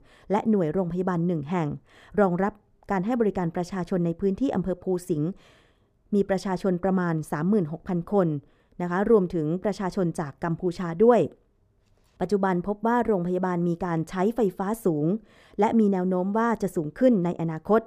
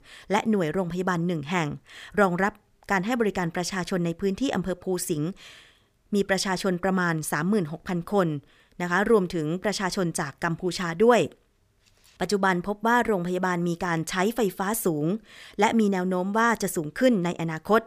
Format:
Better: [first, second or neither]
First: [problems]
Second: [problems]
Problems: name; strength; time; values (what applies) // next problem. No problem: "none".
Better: second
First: muffled; slightly; fading above 1.5 kHz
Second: none